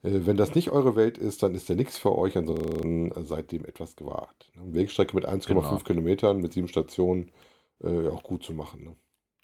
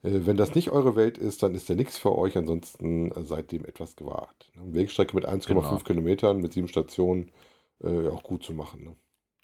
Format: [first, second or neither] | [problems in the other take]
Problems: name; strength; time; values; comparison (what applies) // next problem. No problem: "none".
second | audio freezing; at 2.5 s